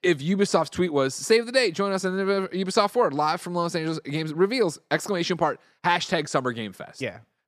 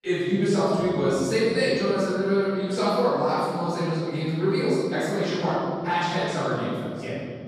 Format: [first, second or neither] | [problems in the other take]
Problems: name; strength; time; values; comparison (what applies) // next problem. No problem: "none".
first | room echo; strong; dies away in 3 s // off-mic speech; far